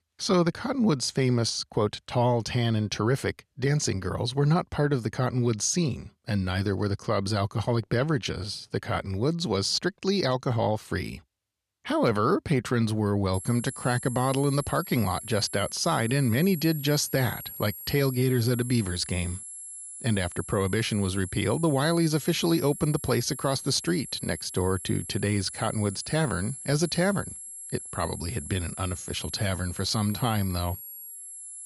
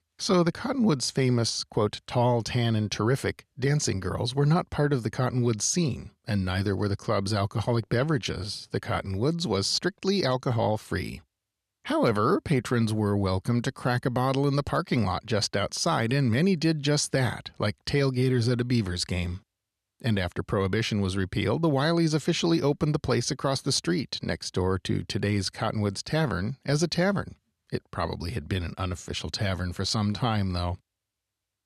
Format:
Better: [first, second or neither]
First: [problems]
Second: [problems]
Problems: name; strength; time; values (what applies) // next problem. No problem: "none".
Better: second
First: high-pitched whine; noticeable; from 13 s on; 11 kHz, 10 dB below the speech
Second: none